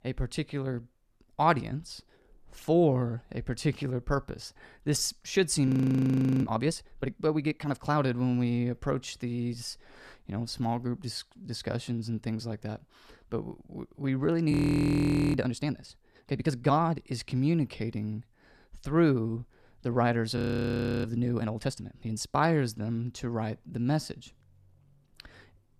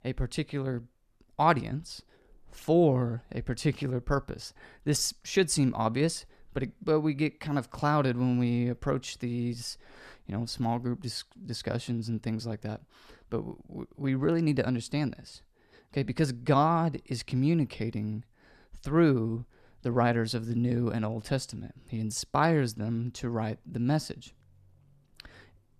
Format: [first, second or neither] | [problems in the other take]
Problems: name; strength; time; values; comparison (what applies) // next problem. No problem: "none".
second | audio freezing; at 5.5 s for 1 s, at 15 s for 1 s and at 20 s for 0.5 s